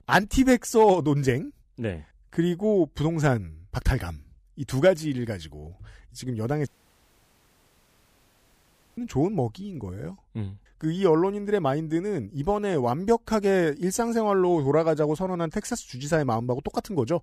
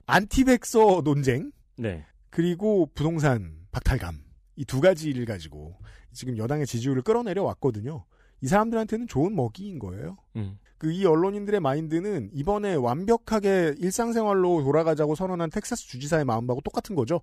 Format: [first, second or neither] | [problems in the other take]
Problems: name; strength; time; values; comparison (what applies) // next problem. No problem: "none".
second | audio cutting out; at 6.5 s for 2.5 s